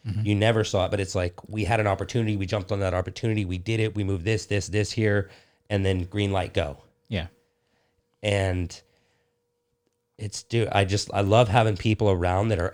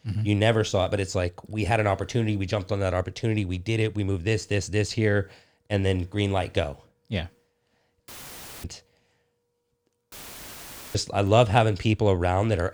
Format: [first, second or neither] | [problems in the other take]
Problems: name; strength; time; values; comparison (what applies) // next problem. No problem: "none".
first | audio cutting out; filled with static; at 8 s for 0.5 s and at 10 s for 1 s